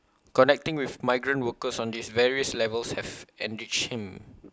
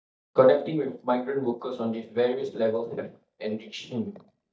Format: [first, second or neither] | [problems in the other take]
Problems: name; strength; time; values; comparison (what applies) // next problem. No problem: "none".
first | noise reduction (neural mask model DeepFilterNet 3)